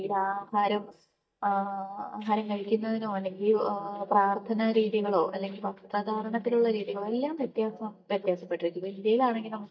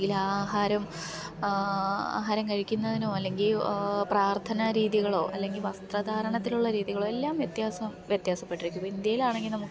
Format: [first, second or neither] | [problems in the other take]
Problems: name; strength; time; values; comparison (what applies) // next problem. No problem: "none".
second | noise reduction (neural mask model DeepFilterNet 3)